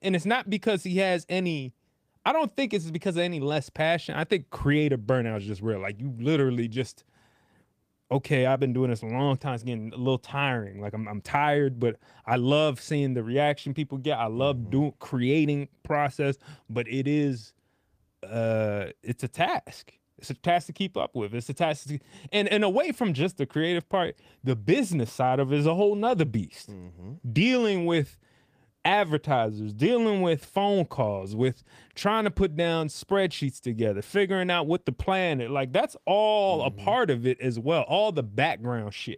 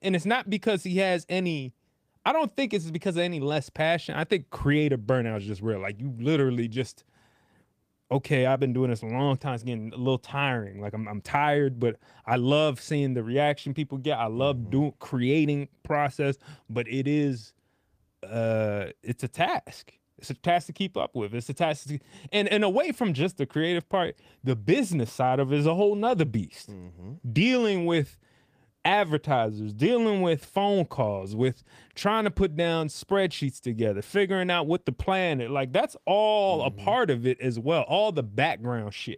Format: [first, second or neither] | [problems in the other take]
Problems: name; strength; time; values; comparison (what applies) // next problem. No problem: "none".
neither | garbled, watery; slightly; nothing above 15 kHz; the same in both